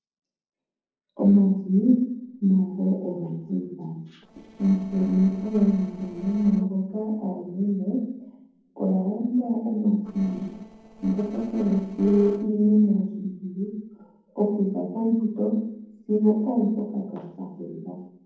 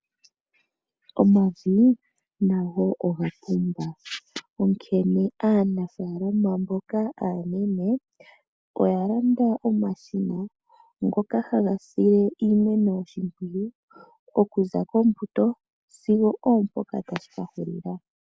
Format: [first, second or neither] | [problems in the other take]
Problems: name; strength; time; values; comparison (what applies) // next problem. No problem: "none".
second | noise reduction (neural separator model SepFormer DNS4)